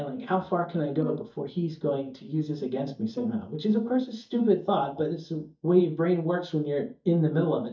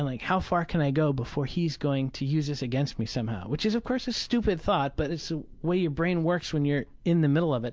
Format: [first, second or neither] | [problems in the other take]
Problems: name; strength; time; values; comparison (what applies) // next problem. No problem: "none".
second | noise reduction (neural mask model DeepFilterNet 3)